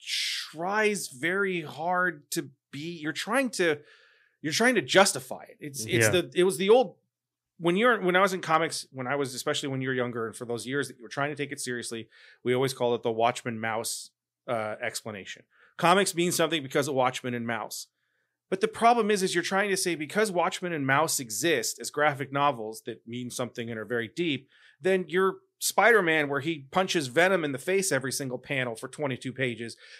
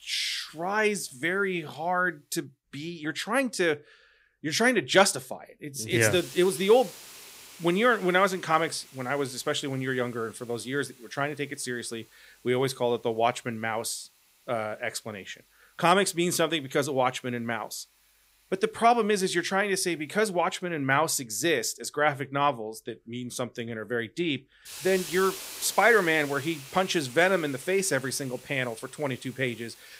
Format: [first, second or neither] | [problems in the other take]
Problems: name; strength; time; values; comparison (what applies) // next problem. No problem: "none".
first | hiss; noticeable; throughout; 15 dB below the speech